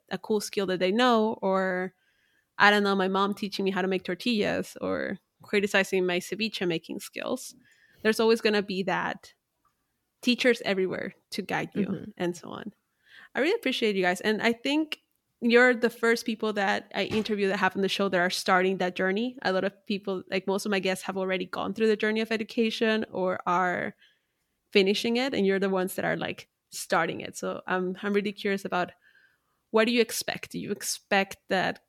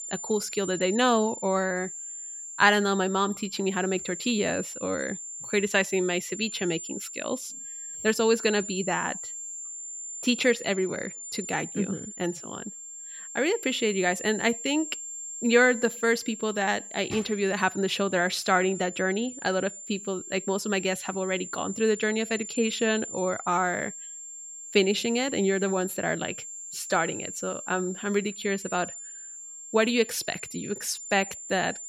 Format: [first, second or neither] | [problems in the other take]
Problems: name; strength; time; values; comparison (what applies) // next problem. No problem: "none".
first | high-pitched whine; loud; throughout; 7 kHz, 10 dB below the speech